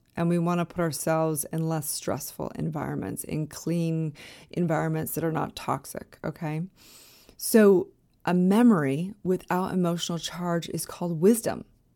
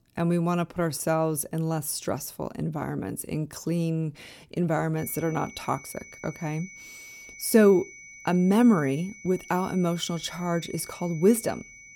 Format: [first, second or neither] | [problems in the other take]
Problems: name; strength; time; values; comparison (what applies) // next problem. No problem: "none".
first | high-pitched whine; noticeable; from 5 s on; 2 kHz, 20 dB below the speech